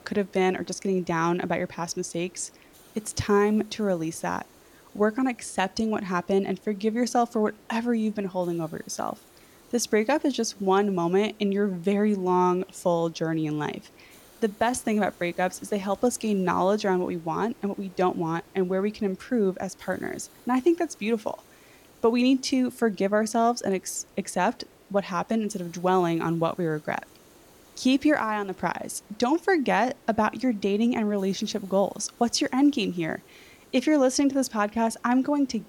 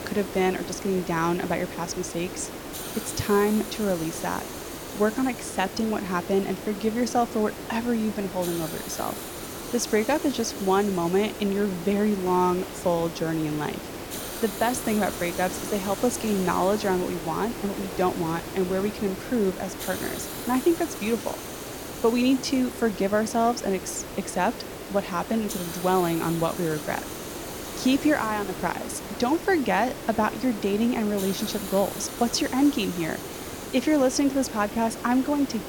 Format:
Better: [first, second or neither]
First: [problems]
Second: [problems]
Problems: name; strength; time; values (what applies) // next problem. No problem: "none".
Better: first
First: hiss; faint; throughout; 25 dB below the speech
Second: hiss; loud; throughout; 9 dB below the speech